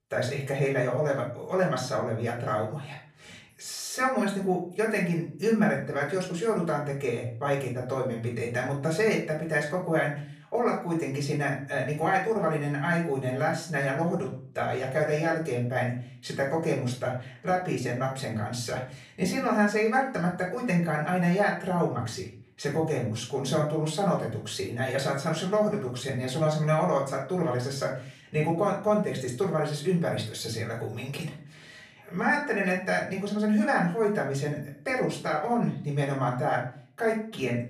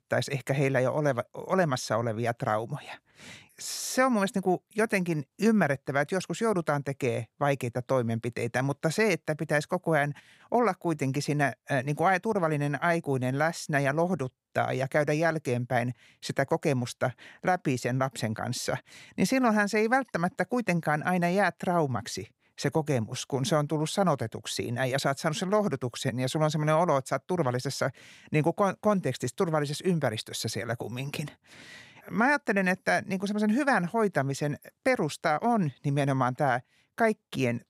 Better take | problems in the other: second | off-mic speech; far // room echo; slight; dies away in 0.4 s

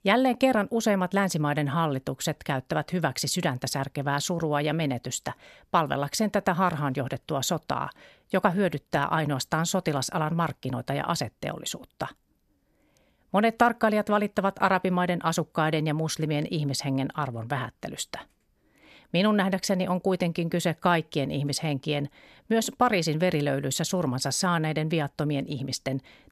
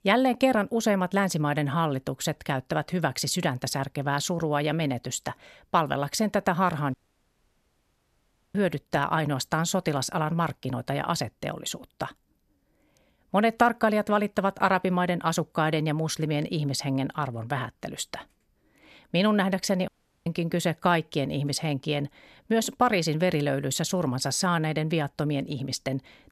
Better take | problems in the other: first | audio cutting out; at 7 s for 1.5 s and at 20 s

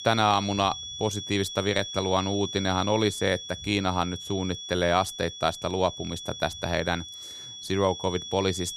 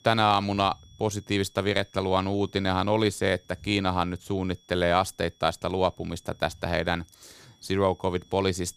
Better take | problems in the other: second | high-pitched whine; loud; throughout; 3.5 kHz, 9 dB below the speech; faint in the second

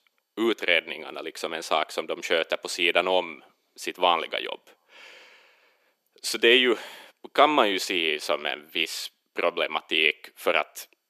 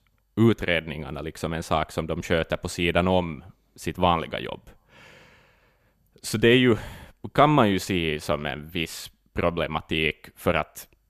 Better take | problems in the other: second | thin; somewhat; fading below 350 Hz

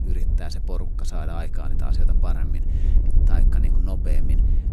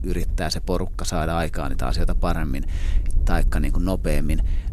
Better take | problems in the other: second | wind noise on the microphone; heavy; 3 dB below the speech; occasional gusts in the second

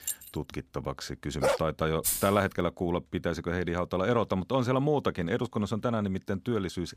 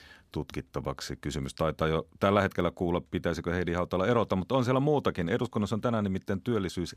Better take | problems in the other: second | jangling keys; noticeable; at the start; peak 5 dB below the speech // dog barking; loud; at 1.5 s; peak 1 dB above the speech // jangling keys; loud; at 2 s; peak 1 dB above the speech

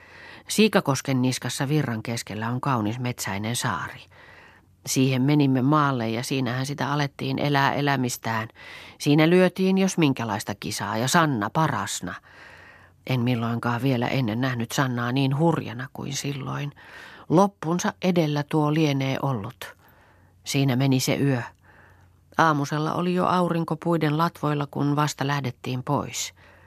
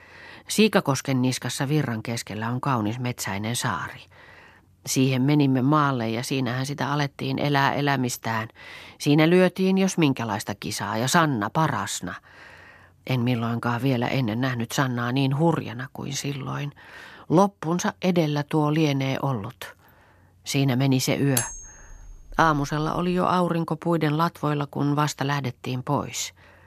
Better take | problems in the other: first | clattering dishes; noticeable; from 21 to 23 s; peak 3 dB below the speech

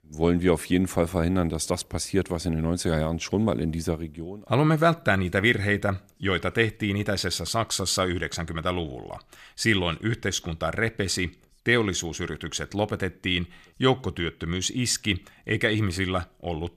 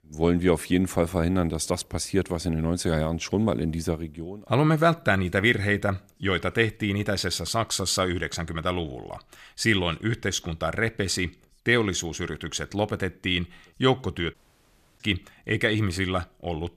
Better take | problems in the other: first | audio cutting out; at 14 s for 0.5 s

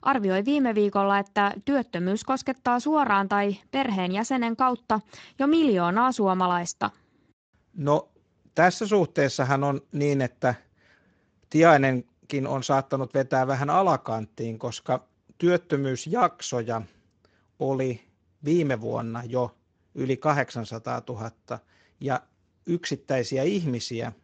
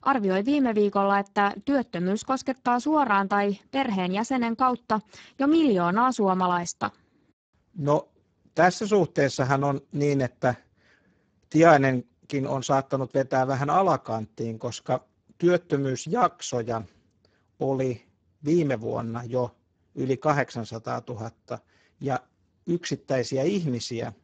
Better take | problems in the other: first | garbled, watery; badly; nothing above 7.5 kHz; slightly in the first

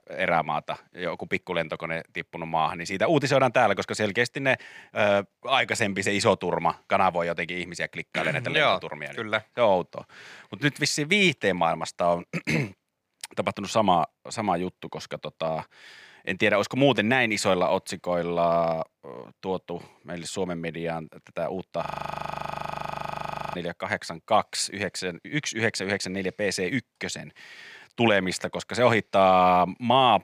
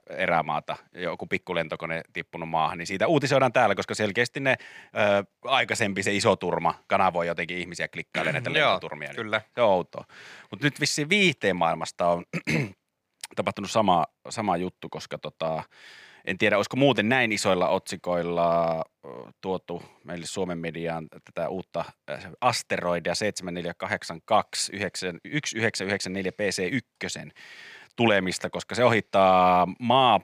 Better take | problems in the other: second | audio freezing; at 22 s for 1.5 s

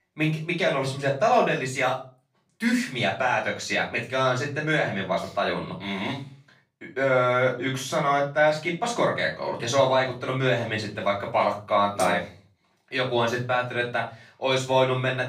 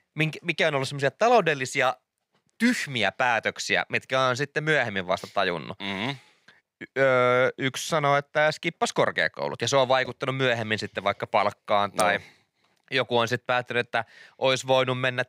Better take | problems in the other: second | off-mic speech; far // room echo; slight; dies away in 0.4 s

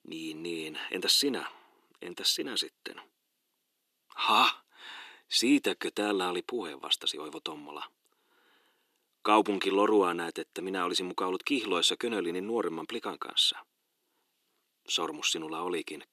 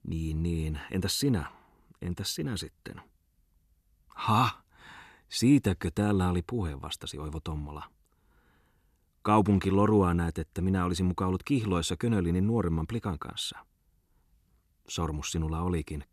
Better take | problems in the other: second | thin; somewhat; fading below 350 Hz

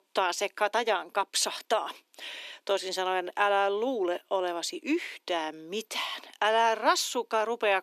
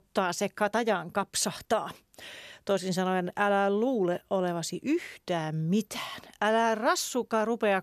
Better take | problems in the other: second | thin; somewhat; fading below 300 Hz

